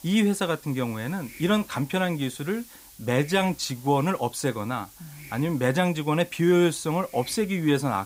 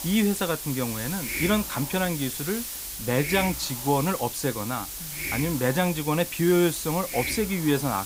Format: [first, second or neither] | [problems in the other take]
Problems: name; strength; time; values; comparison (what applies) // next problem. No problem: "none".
first | hiss; loud; throughout; 5 dB below the speech; faint in the first